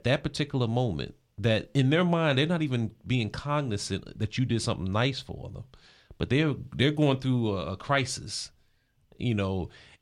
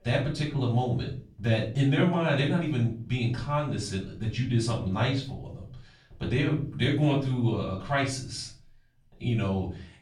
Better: first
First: none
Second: off-mic speech; far // room echo; slight; dies away in 0.4 s

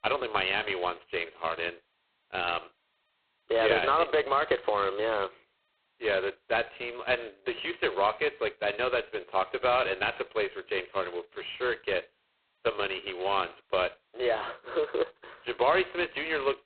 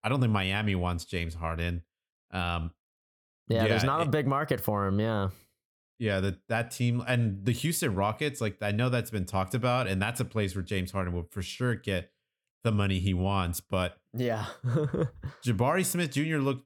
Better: second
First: phone-call audio; poor line; nothing above 4 kHz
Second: none

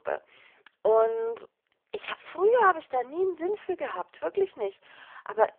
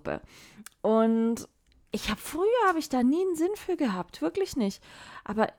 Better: second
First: phone-call audio; poor line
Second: none

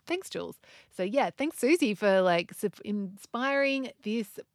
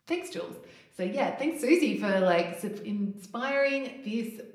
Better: first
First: none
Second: room echo; very slight; dies away in 0.6 s // off-mic speech; somewhat distant

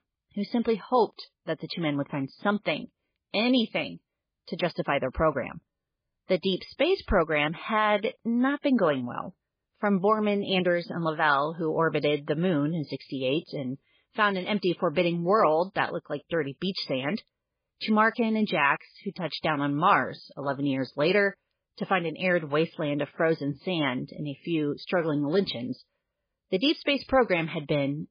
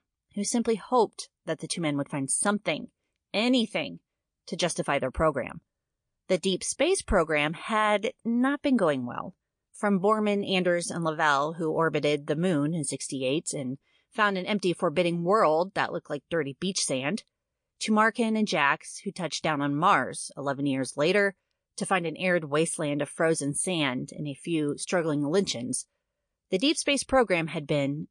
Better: second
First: garbled, watery; badly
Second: garbled, watery; slightly; nothing above 9 kHz

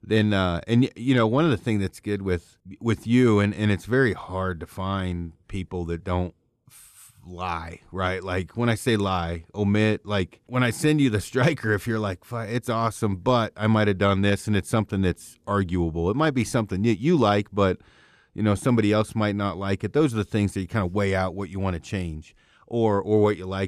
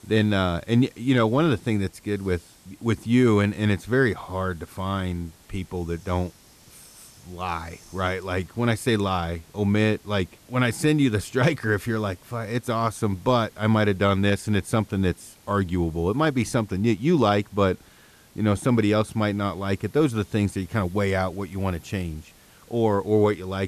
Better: first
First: none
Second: hiss; faint; throughout; 30 dB below the speech

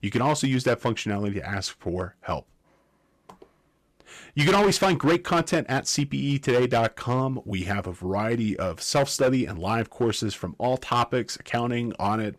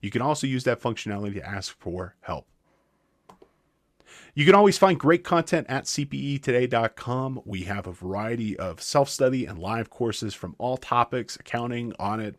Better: second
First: distortion; heavy; 5% of the sound clipped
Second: none

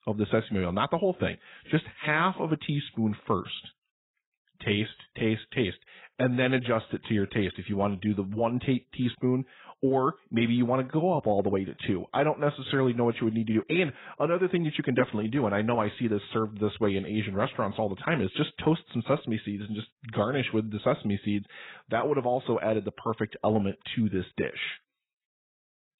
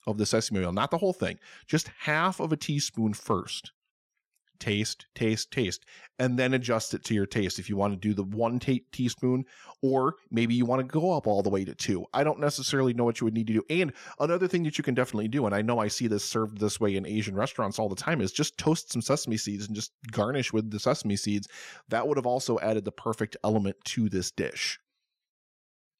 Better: second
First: garbled, watery; badly; nothing above 4 kHz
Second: none

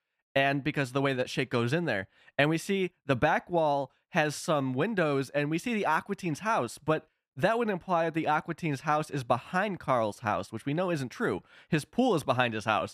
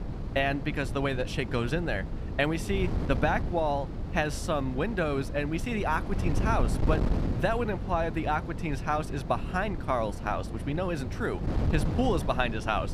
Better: first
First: none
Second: wind noise on the microphone; occasional gusts; 10 dB below the speech

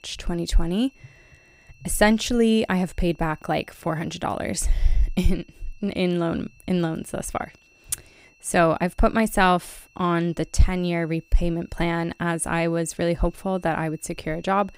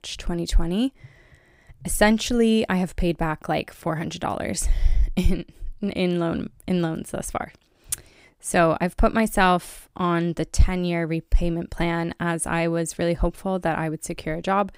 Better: second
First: high-pitched whine; faint; throughout; 2.5 kHz, 30 dB below the speech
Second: none

